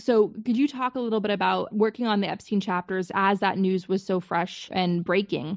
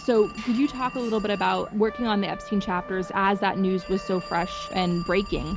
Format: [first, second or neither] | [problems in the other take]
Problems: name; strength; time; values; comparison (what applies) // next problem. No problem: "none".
first | background sound (Trumpet + Telephone); 13 dB below the speech